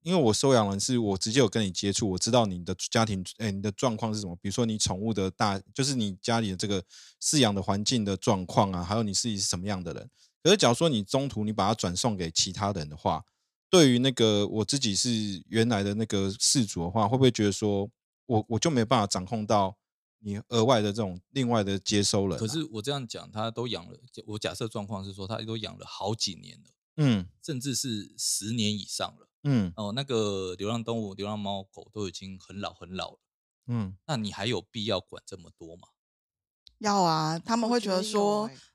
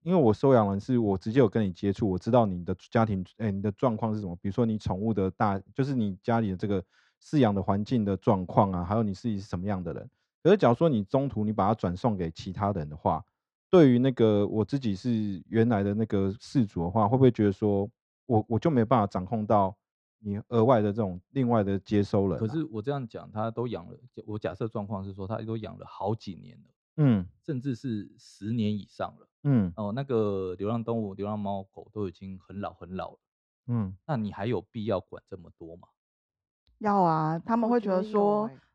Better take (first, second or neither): first